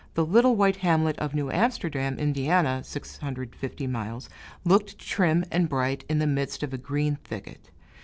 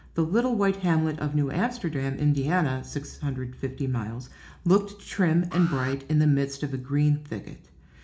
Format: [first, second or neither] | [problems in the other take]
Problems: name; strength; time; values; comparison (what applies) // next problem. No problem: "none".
first | background sound (Alarm); 18 dB below the speech // room echo; dies away in 0.4 s